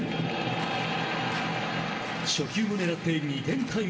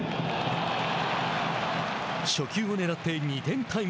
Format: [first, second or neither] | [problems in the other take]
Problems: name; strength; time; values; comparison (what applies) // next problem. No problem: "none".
second | background sound (Walk, footsteps); 20 dB below the speech // room echo; dies away in 2.2 s